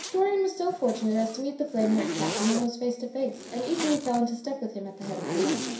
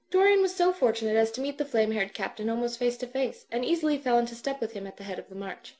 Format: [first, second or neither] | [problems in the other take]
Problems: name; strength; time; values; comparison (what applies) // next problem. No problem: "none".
second | background sound (Zipper (clothing)); 7 dB below the speech // room echo; dies away in 0.5 s